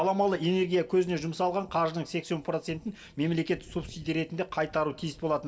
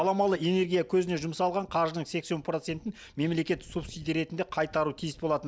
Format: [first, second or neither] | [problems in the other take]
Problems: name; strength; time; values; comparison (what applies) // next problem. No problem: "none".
second | room echo; dies away in 1.6 s